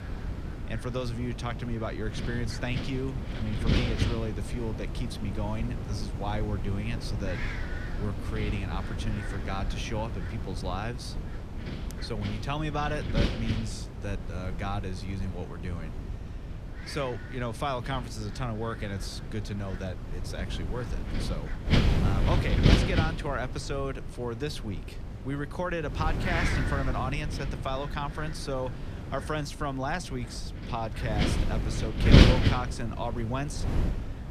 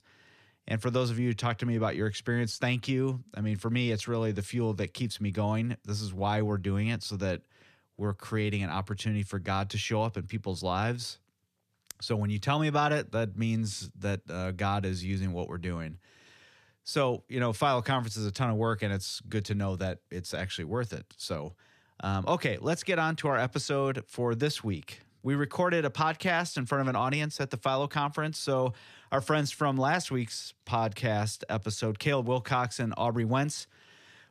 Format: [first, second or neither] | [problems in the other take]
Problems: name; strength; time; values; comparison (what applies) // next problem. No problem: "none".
second | wind noise on the microphone; heavy; 1 dB below the speech